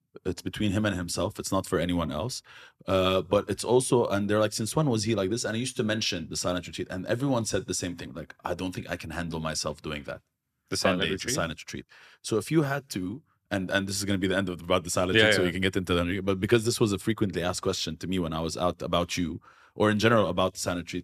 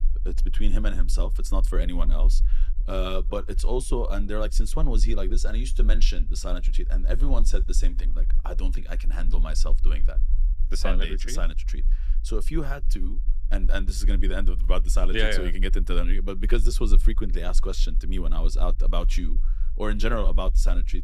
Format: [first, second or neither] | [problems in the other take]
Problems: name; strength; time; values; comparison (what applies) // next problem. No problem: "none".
first | low rumble; faint; throughout; 20 dB below the speech